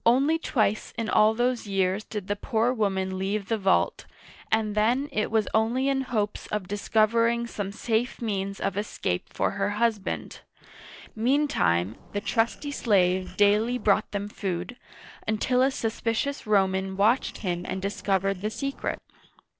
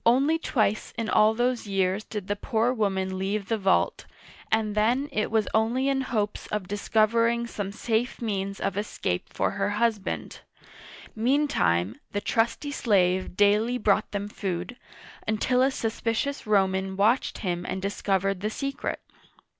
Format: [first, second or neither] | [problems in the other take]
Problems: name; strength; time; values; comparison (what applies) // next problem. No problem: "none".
second | noise reduction (neural separator model SepFormer DNS4)